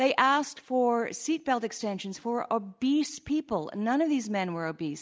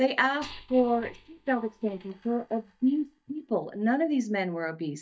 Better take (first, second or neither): first